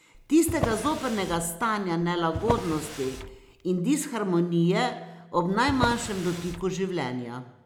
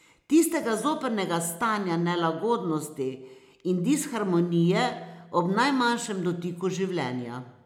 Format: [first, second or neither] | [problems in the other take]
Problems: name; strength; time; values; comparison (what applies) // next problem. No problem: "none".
second | background sound (Drawer open or close); 9 dB below the speech